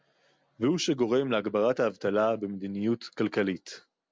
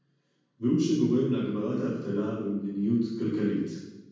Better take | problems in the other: first | room echo; dies away in 1.2 s

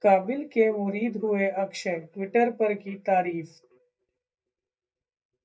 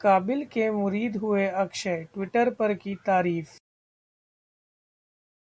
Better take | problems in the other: second | noise reduction (neural mask model DeepFilterNet 3)

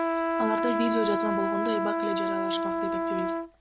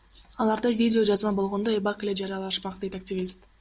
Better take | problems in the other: second | background sound (Trumpet); 4 dB above the speech

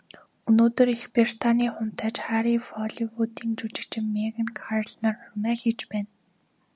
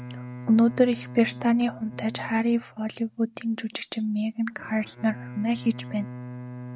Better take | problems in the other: first | noise reduction (neural mask model RNNoise)

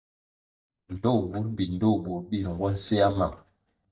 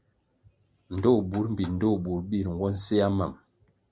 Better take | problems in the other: second | noise reduction (neural mask model DeepFilterNet 3)

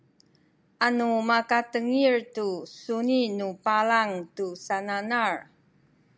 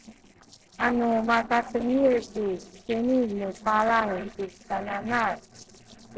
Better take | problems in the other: first | noise reduction (neural separator model SepFormer DNS4)

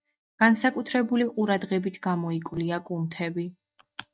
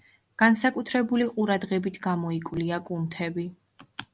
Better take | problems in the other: second | noise reduction (neural mask model DeepFilterNet 3)

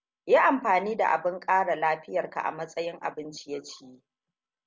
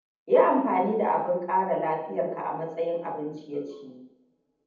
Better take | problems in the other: first | room echo; dies away in 0.8 s

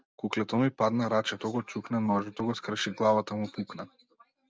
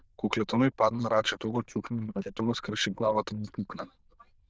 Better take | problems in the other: first | noise reduction (neural diffusion model UNIVERSE++)

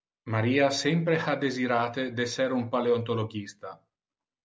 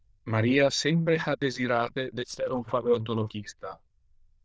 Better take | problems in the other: first | noise reduction (neural diffusion model UNIVERSE++)

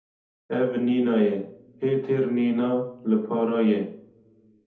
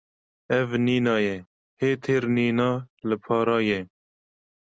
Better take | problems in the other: second | room echo; dies away in 0.6 s

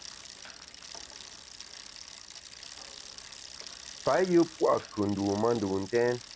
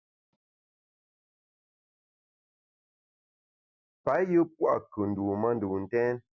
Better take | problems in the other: second | background sound (Bicycle); 14 dB below the speech

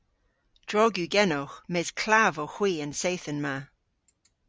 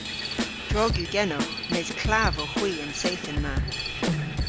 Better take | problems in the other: first | background sound (Drum / Drum kit + Cricket); 1 dB above the speech

